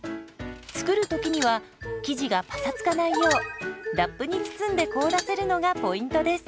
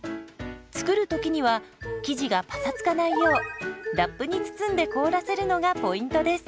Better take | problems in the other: second | background sound (Tools); 13 dB below the speech

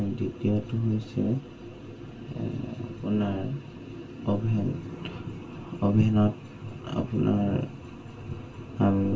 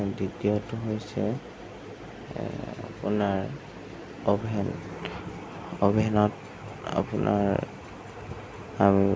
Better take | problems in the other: second | room echo; dies away in 0.2 s

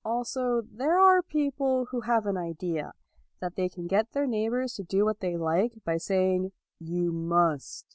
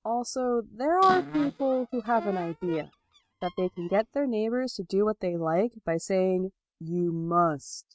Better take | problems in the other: first | noise reduction (neural mask model RNNoise)

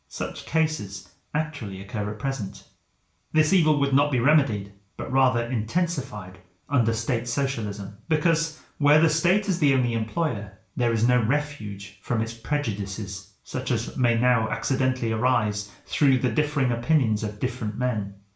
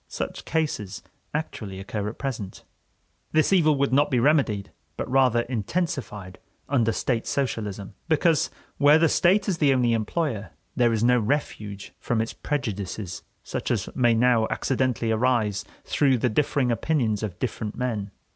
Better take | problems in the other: second | room echo; dies away in 0.4 s

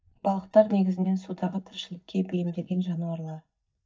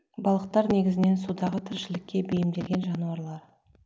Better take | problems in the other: second | noise reduction (neural mask model DeepFilterNet 3)

